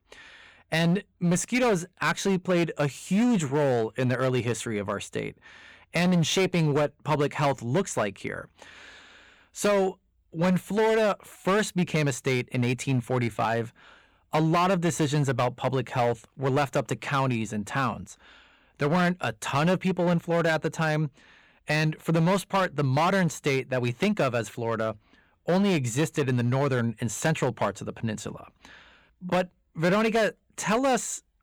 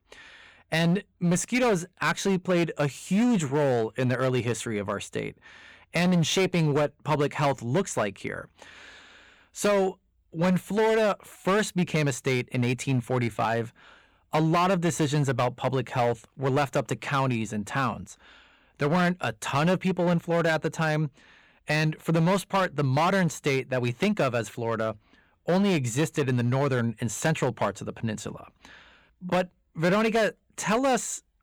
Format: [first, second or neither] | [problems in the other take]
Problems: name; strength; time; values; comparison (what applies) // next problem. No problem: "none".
neither | distortion; slight; 10% of the sound clipped; the same in both